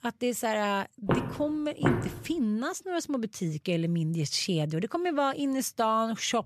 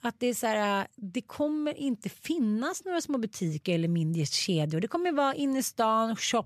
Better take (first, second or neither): second